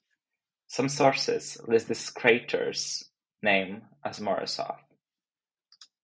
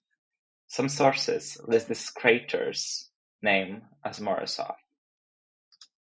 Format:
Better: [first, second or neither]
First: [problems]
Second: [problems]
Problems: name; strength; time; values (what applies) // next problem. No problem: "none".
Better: first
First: none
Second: noise reduction (classical method Wiener filter)